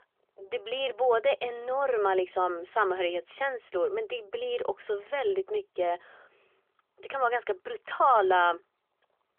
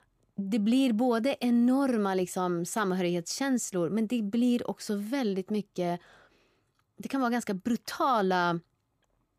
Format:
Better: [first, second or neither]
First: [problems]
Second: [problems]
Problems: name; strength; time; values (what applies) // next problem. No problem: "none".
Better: second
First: phone-call audio; nothing above 3.5 kHz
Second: none